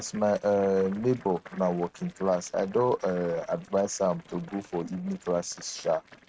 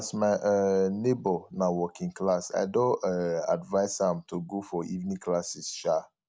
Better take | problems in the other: second | noise reduction (neural mask model RNNoise)

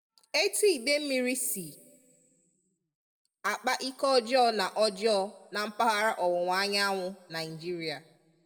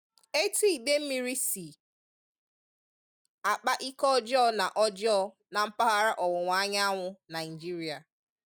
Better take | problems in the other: second | room echo; dies away in 1 s

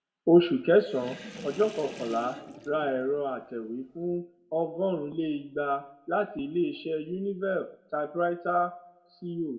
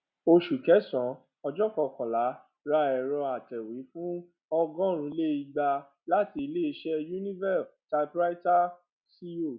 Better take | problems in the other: second | background sound (Sink (filling or washing) / Water); 16 dB below the speech // room echo; dies away in 0.5 s

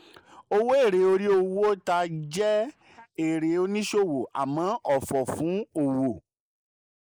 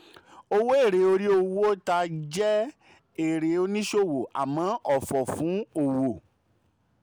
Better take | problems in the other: second | noise reduction (neural mask model Resemble Enhance denoiser)

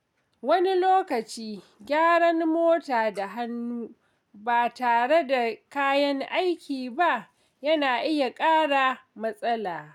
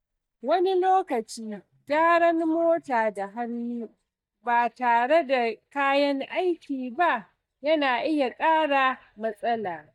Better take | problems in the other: first | noise reduction (neural mask model DeepFilterNet 3)

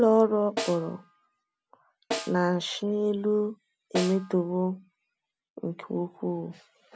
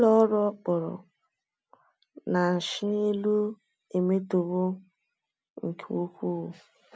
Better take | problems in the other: second | background sound (Snare drum); 11 dB below the speech

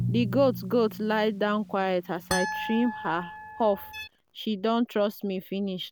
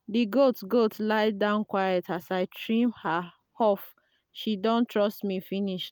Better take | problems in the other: second | background sound (Harp + Drum); 9 dB below the speech

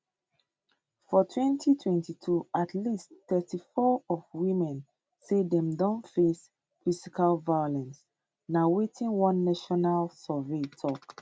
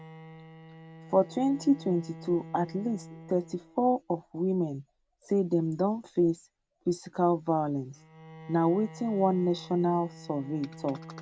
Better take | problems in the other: first | background sound (Bowed string instrument); 19 dB below the speech

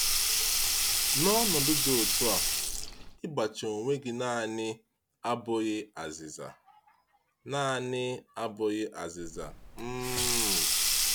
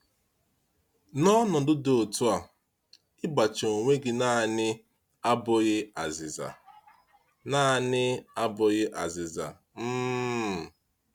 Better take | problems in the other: second | background sound (Sink (filling or washing)); 2 dB above the speech

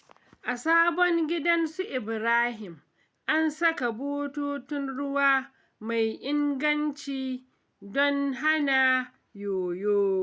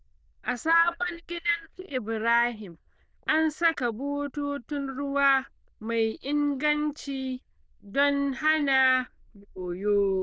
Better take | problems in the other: first | noise reduction (neural diffusion model UNIVERSE++)

